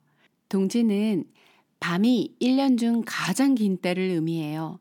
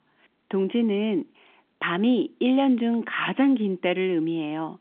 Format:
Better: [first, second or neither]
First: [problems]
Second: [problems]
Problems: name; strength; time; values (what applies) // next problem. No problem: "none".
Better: first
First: none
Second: phone-call audio; nothing above 3.5 kHz